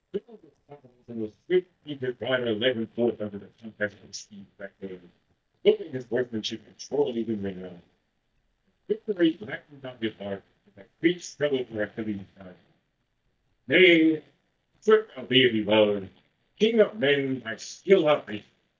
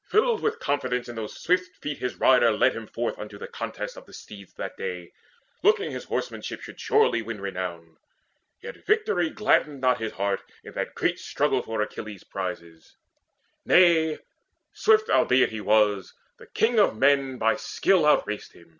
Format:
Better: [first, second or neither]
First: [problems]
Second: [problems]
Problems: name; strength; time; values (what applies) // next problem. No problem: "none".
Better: second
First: noise reduction (neural mask model DeepFilterNet 3)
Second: none